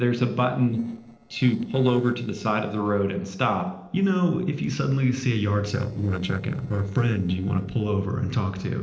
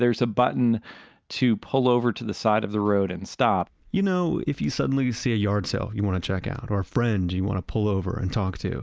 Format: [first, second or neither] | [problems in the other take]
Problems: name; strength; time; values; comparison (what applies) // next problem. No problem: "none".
second | noise reduction (neural separator model SepFormer DNS4)